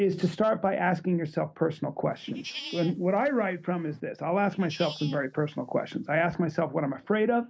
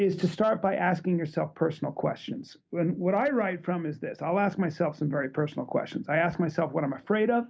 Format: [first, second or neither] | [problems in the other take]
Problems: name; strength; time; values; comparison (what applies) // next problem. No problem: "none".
second | noise reduction (neural mask model Resemble Enhance denoiser)